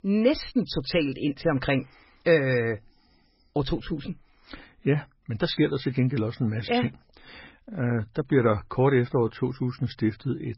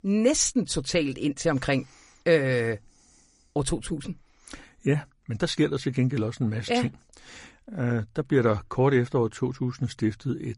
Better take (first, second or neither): second